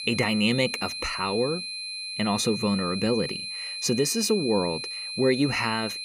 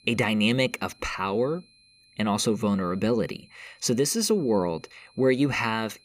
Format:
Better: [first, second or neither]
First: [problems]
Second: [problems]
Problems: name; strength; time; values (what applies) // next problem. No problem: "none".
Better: second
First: high-pitched whine; loud; throughout; 4 kHz, 6 dB below the speech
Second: high-pitched whine; faint; throughout; 4 kHz, 30 dB below the speech